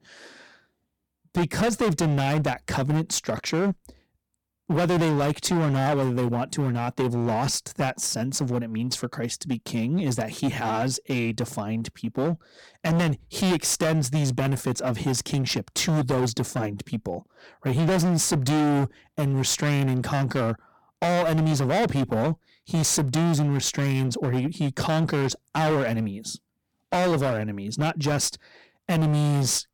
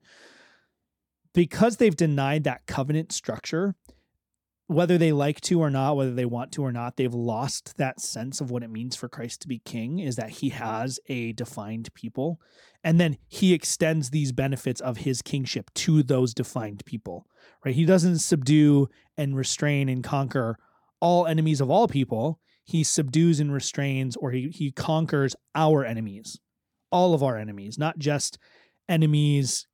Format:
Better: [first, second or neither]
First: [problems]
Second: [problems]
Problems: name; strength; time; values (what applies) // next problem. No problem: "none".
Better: second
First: distortion; heavy; 22% of the sound clipped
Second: none